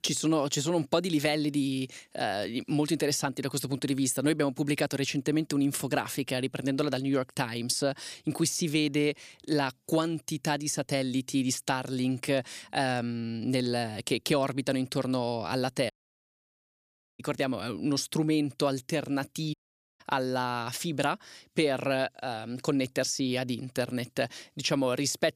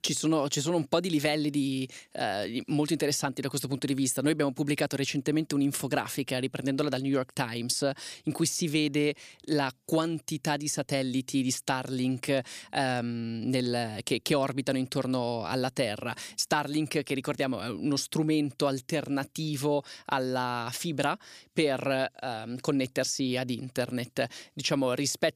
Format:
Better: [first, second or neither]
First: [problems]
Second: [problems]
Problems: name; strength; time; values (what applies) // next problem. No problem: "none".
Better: second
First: audio cutting out; at 16 s for 1.5 s and at 20 s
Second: none